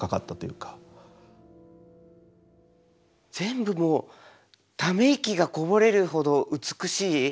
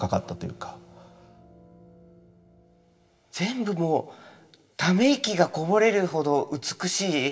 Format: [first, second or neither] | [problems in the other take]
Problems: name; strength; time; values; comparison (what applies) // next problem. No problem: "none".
first | room echo; dies away in 0.7 s